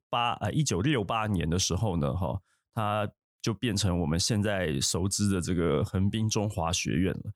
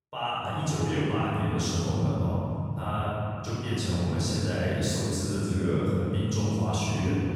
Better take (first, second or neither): first